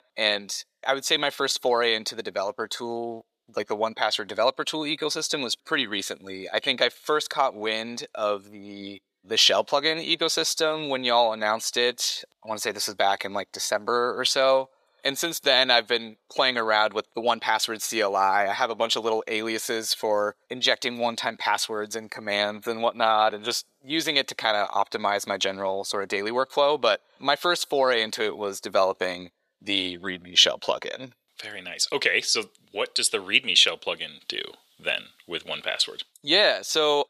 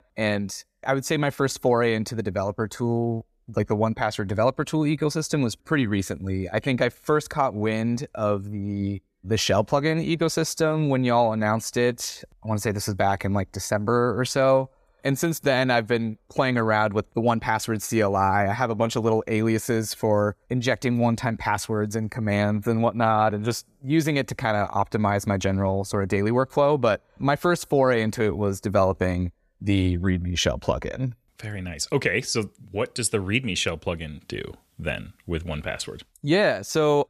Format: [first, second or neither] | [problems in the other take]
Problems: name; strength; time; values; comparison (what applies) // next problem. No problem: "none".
second | thin; somewhat; fading below 450 Hz